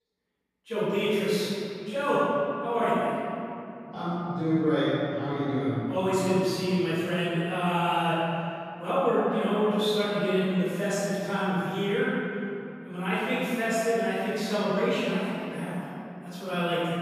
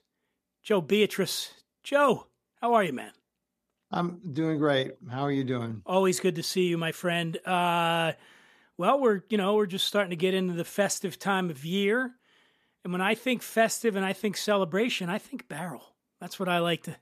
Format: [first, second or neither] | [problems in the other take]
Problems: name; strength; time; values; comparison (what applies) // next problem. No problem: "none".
second | off-mic speech; far // room echo; strong; dies away in 3 s